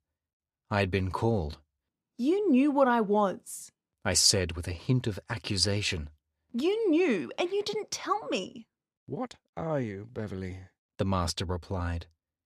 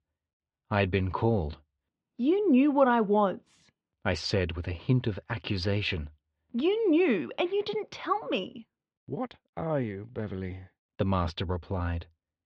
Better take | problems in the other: first | muffled; slightly; fading above 3.5 kHz

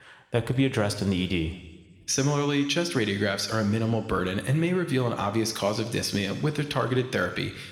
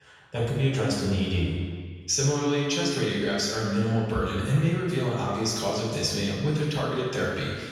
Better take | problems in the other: first | room echo; strong; dies away in 1.7 s; slight in the first // off-mic speech; far

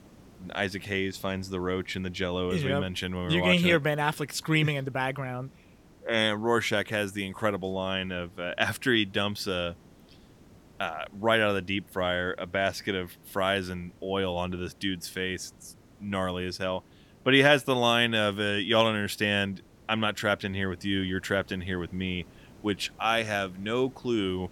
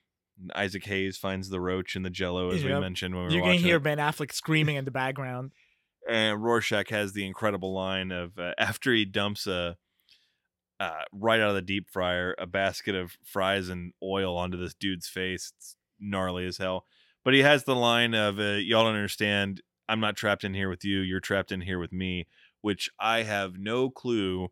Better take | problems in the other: second | hiss; faint; throughout; 25 dB below the speech

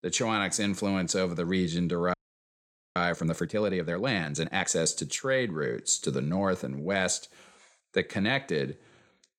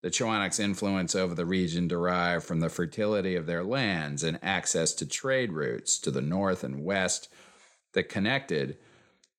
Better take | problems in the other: second | audio freezing; at 2 s for 1 s

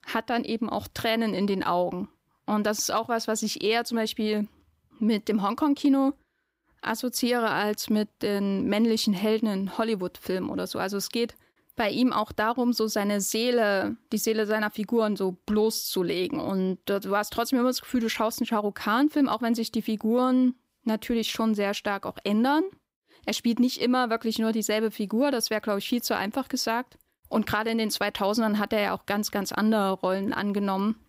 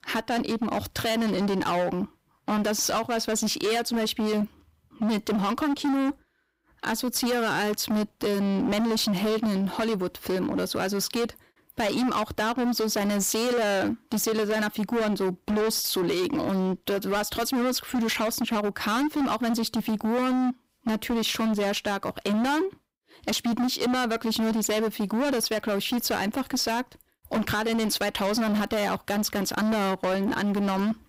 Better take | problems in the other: first | distortion; heavy; 26% of the sound clipped

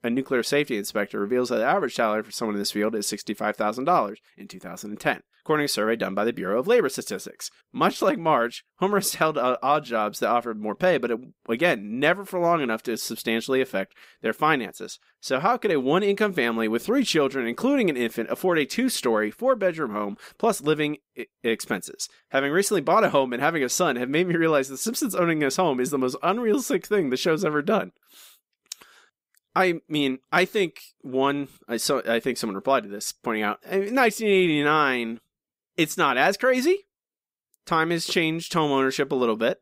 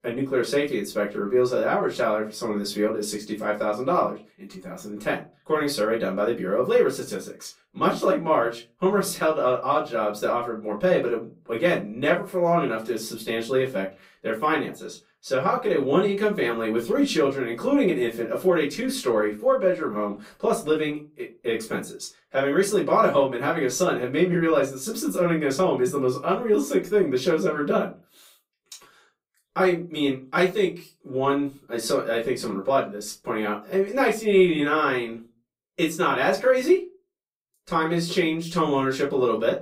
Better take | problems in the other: first | off-mic speech; far // room echo; very slight; dies away in 0.2 s

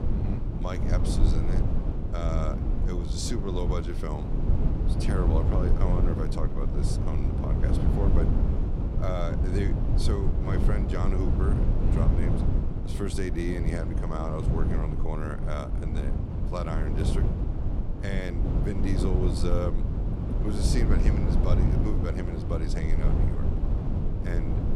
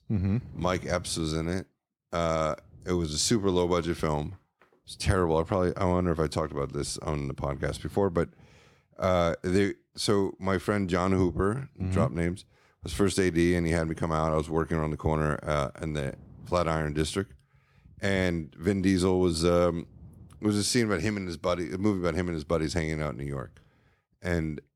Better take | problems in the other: second | low rumble; loud; throughout; 1 dB below the speech

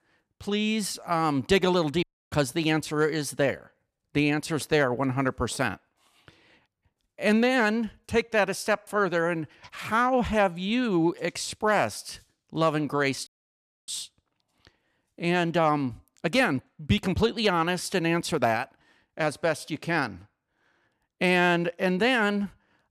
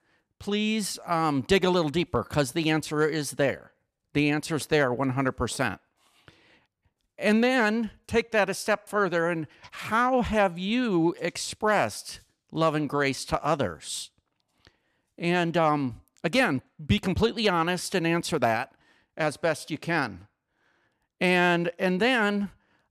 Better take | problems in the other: second | audio cutting out; at 2 s and at 13 s for 0.5 s

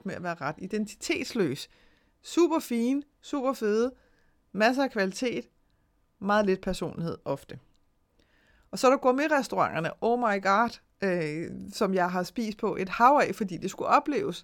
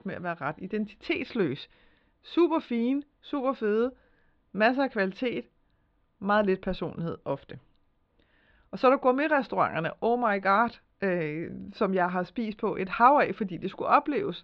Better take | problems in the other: first | muffled; slightly; fading above 3.5 kHz

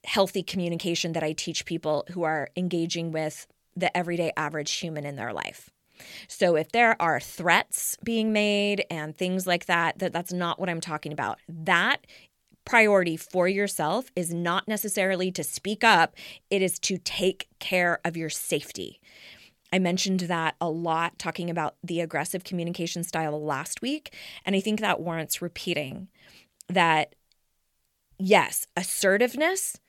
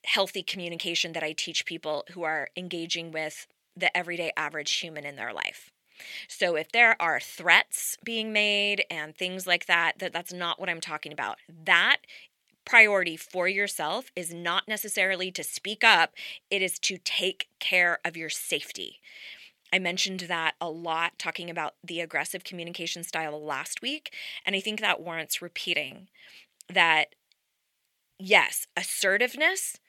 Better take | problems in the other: first | thin; somewhat; fading below 450 Hz

